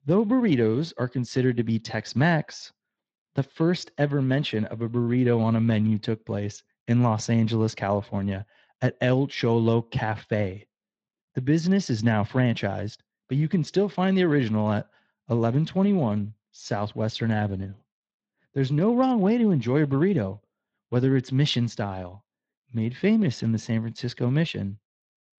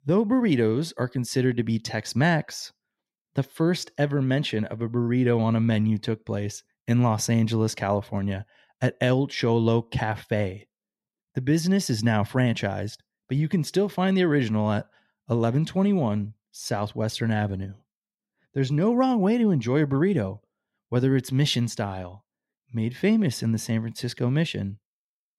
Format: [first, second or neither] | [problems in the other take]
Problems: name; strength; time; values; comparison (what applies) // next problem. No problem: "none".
second | garbled, watery; slightly